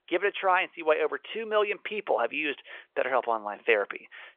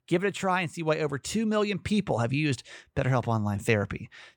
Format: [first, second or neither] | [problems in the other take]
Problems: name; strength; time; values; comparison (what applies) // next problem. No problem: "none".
second | phone-call audio